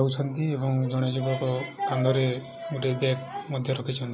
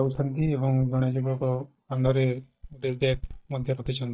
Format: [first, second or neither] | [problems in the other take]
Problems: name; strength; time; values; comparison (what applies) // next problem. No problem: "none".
first | noise reduction (neural mask model DeepFilterNet 3)